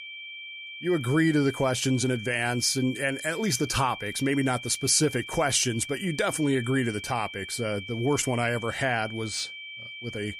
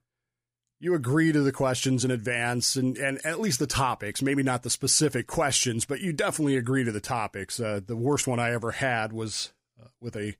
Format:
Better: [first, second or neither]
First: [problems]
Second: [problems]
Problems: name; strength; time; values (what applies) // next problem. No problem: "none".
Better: second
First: high-pitched whine; noticeable; throughout; 2.5 kHz, 10 dB below the speech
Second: none